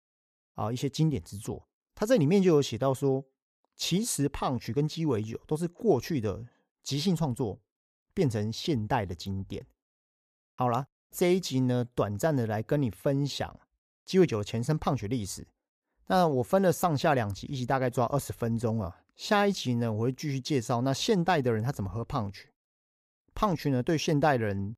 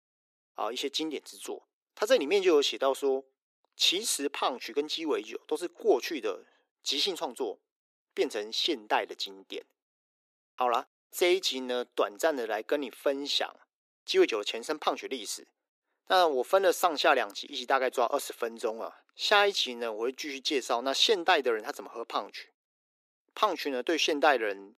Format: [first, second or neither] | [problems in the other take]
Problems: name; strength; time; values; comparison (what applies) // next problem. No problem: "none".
first | thin; very; fading below 300 Hz